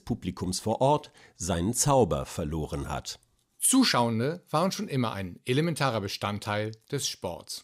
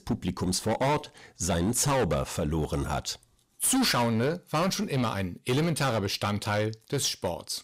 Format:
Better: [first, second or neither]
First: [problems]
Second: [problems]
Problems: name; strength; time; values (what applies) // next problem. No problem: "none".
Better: first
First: none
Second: distortion; heavy; 15% of the sound clipped